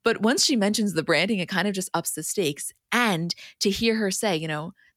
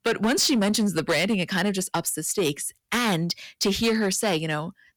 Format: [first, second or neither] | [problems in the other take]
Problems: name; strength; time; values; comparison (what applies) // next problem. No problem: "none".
first | distortion; slight; 9% of the sound clipped